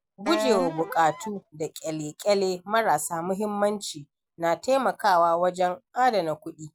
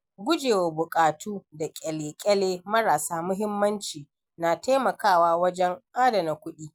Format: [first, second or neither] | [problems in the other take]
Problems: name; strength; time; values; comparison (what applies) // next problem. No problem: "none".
second | background sound (Wind instrument, woodwind instrument); 7 dB below the speech